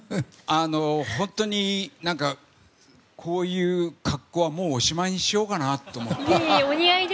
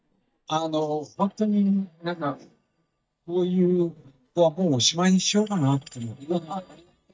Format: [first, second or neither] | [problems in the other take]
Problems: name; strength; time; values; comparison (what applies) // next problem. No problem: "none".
first | noise reduction (neural mask model DeepFilterNet 3)